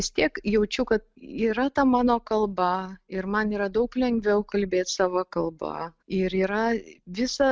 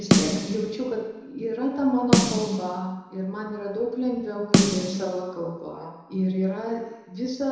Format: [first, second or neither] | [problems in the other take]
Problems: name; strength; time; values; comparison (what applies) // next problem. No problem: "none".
first | background sound (Snare drum); 1 dB above the speech // room echo; dies away in 1 s